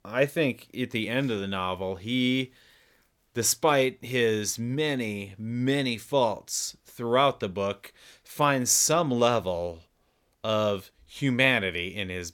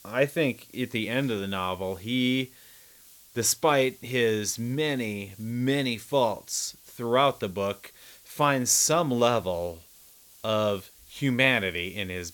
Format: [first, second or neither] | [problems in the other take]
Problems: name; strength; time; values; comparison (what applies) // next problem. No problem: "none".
first | hiss; faint; throughout; 25 dB below the speech